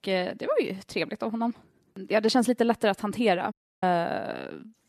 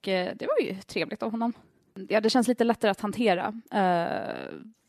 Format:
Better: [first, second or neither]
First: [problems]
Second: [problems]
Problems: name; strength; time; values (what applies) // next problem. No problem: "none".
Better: second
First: audio cutting out; at 3.5 s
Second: none